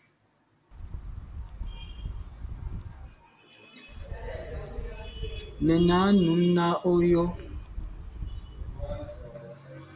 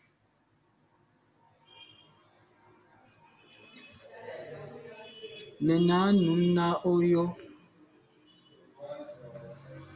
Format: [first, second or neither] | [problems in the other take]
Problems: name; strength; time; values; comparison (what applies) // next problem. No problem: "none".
second | background sound (Wind); 9 dB below the speech